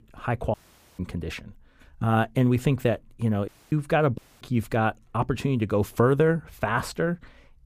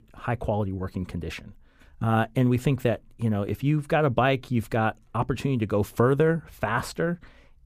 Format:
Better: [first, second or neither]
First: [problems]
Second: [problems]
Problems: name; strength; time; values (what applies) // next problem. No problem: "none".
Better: second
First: audio cutting out; at 0.5 s, at 3.5 s and at 4 s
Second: none